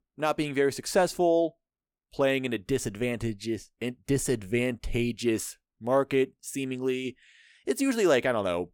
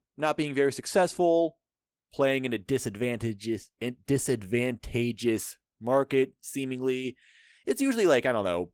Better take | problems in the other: first | garbled, watery; slightly; nothing above 17 kHz

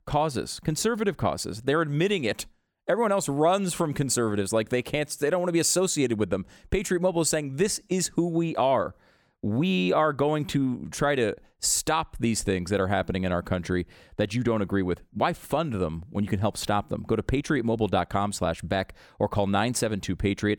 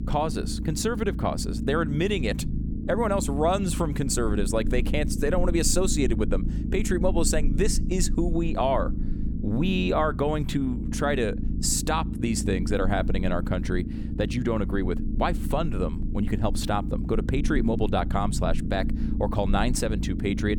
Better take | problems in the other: first | low rumble; noticeable; throughout; 10 dB below the speech

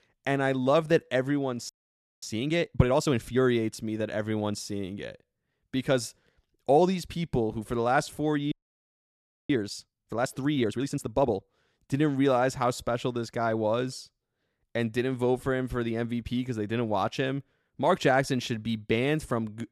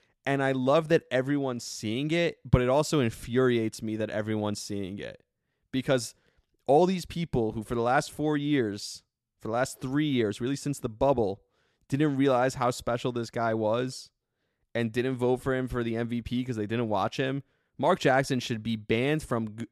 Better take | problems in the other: second | audio freezing; at 1.5 s for 0.5 s and at 8.5 s for 1 s

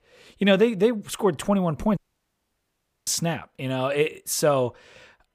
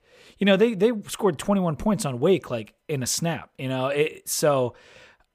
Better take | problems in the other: second | audio cutting out; at 2 s for 1 s

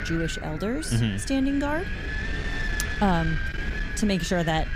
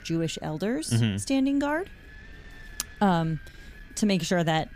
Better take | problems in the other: second | wind noise on the microphone; heavy; 4 dB below the speech; occasional gusts in the second

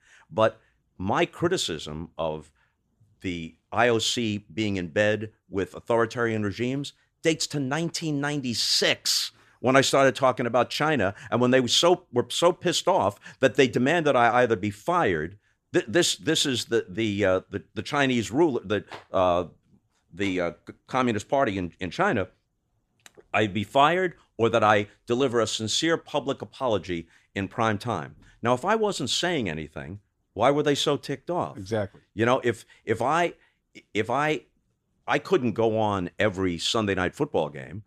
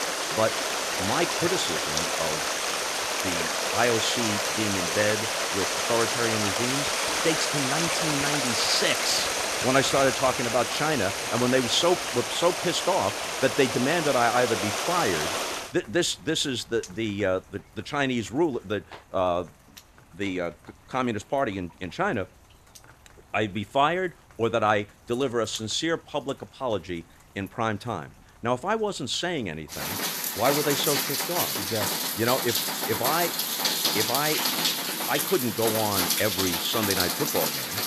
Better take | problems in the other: first | rain or running water; very loud; throughout; 1 dB above the speech

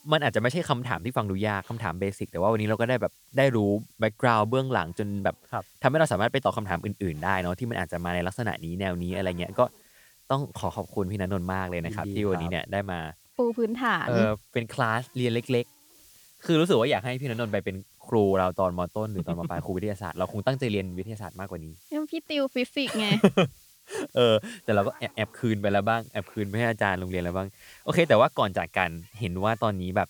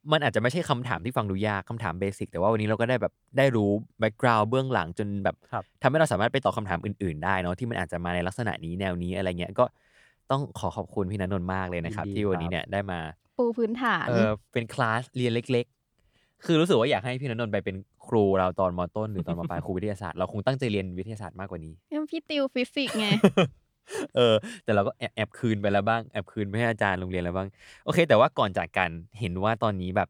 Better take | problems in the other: second | hiss; faint; throughout; 25 dB below the speech

